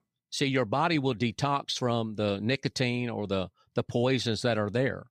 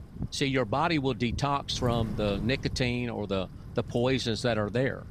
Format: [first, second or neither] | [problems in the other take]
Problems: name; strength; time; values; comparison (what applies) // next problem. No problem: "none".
first | wind noise on the microphone; occasional gusts; 20 dB below the speech